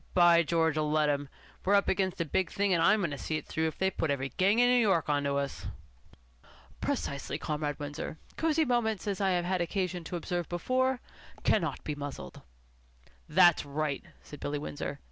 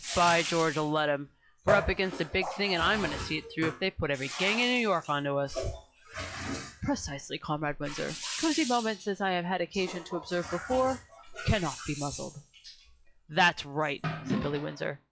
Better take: first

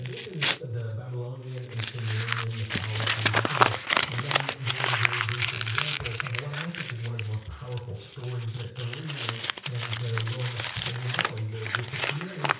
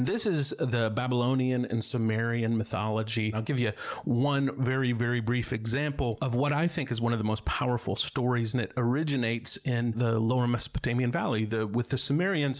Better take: second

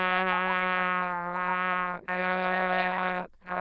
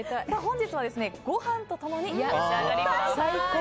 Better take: second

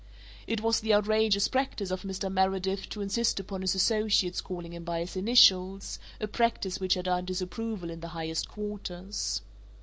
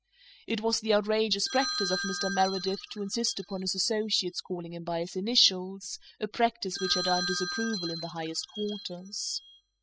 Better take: first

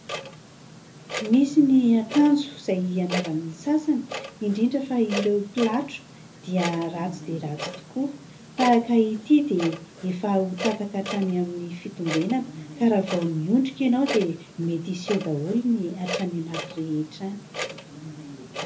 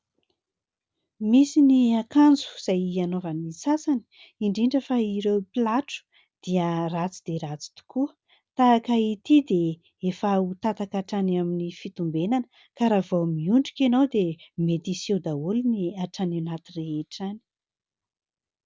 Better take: second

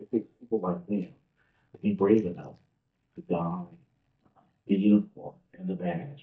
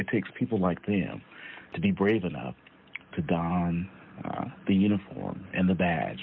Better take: second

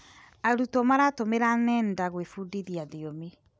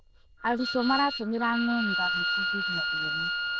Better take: first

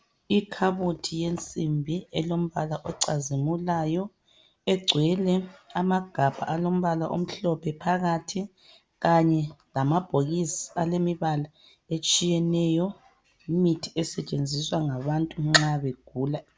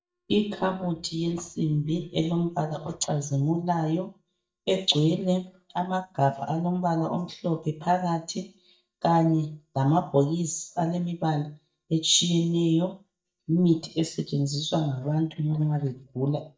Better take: first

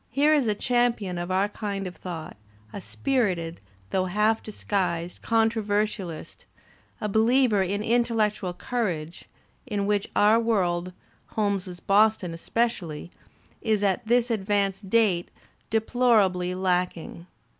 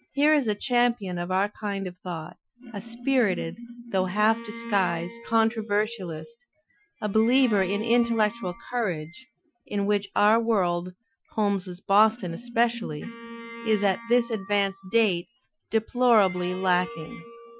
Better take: first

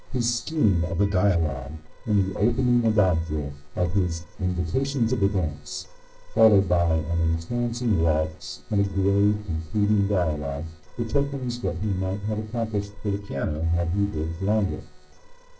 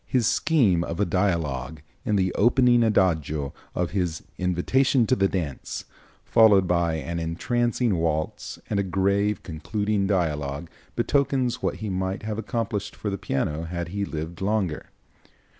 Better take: second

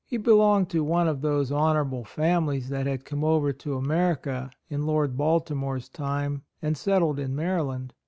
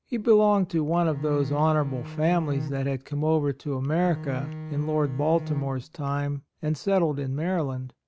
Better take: first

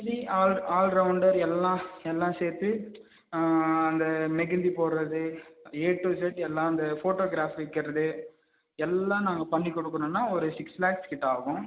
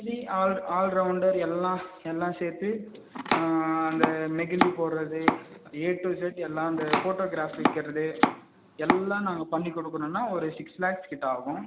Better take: first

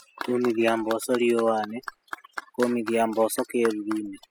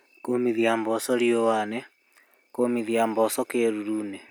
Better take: second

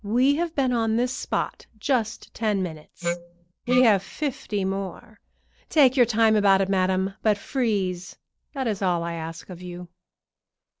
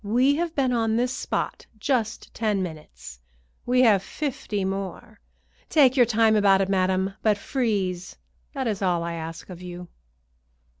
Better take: second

